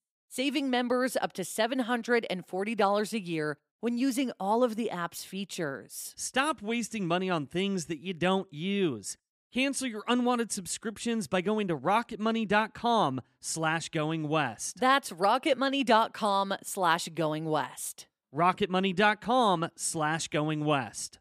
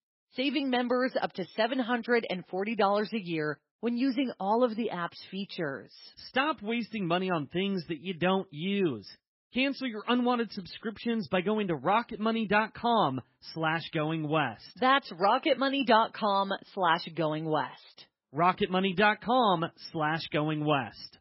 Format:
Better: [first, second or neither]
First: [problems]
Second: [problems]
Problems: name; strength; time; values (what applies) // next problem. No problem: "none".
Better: first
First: none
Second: garbled, watery; badly; nothing above 5.5 kHz